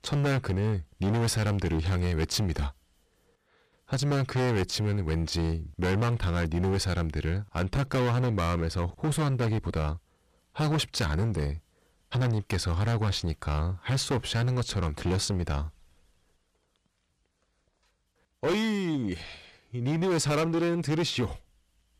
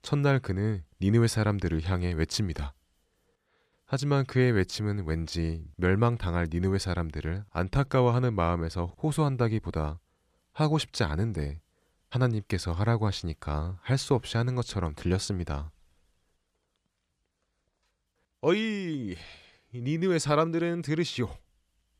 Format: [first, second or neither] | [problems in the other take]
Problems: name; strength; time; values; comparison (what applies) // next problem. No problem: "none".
second | distortion; heavy; 17% of the sound clipped